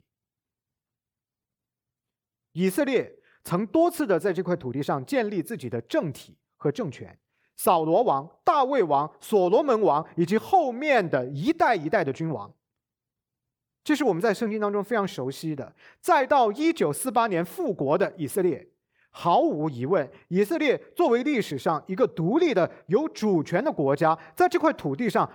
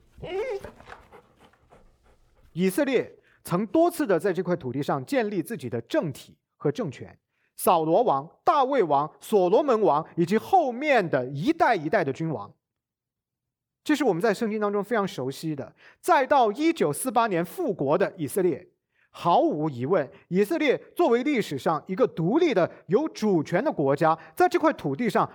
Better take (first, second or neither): first